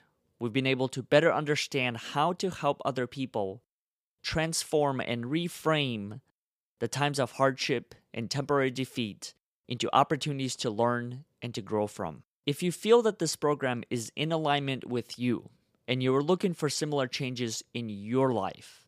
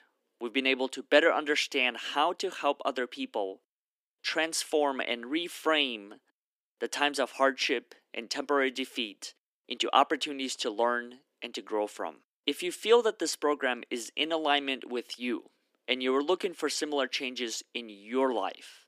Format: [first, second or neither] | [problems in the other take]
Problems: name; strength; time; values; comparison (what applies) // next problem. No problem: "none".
first | thin; very slightly; fading below 250 Hz